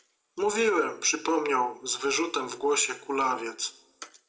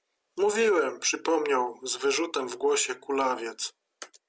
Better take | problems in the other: second | room echo; dies away in 0.5 s

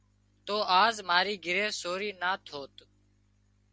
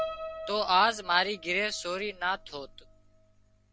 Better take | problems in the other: first | background sound (Piano); 12 dB below the speech

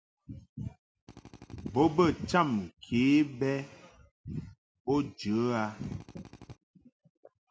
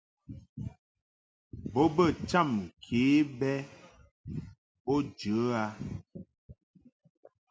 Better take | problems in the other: second | background sound (Drill); 19 dB below the speech

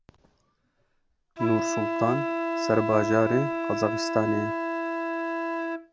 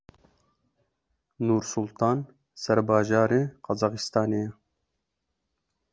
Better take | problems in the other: second | background sound (Wind instrument, woodwind instrument); 1 dB below the speech

